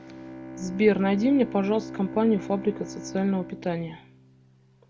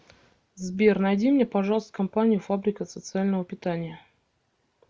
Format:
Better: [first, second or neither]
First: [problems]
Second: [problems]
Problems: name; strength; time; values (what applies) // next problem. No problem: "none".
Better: second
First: background sound (Bowed string instrument); 13 dB below the speech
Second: none